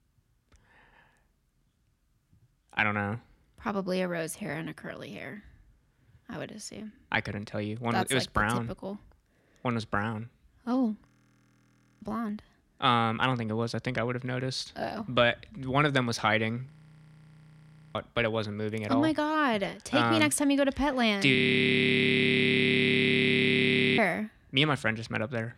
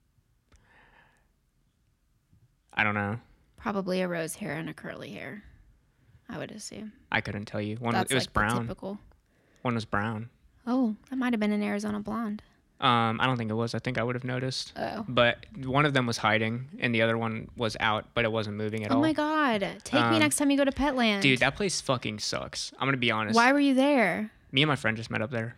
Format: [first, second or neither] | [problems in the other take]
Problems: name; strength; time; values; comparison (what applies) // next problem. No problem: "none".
second | audio freezing; at 11 s for 1 s, at 17 s for 1 s and at 21 s for 2.5 s